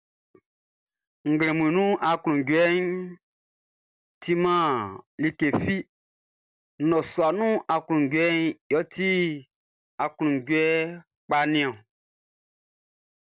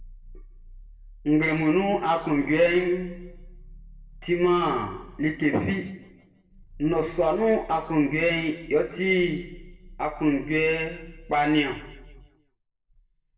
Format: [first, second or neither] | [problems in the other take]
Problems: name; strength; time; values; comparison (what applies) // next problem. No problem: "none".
first | background sound (Growling); 20 dB below the speech // room echo; dies away in 0.8 s